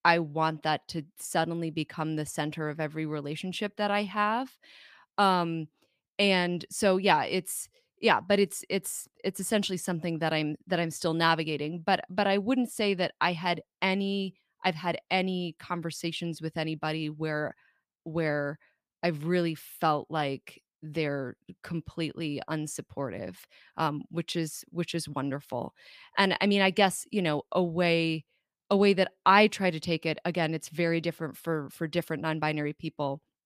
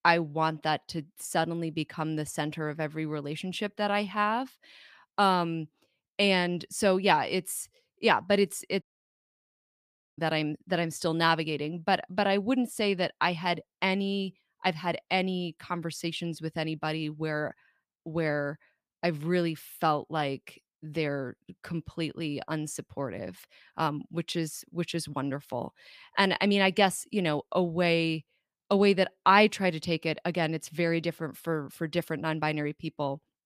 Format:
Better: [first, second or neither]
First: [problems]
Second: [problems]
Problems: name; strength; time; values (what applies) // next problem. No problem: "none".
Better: first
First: none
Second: audio cutting out; at 9 s for 1.5 s